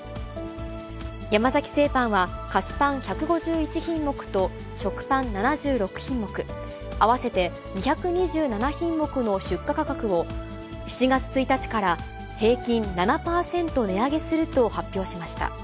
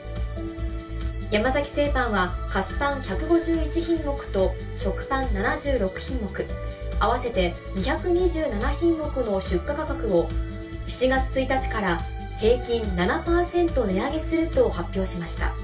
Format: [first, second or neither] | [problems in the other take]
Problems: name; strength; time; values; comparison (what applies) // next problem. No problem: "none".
first | room echo; dies away in 0.2 s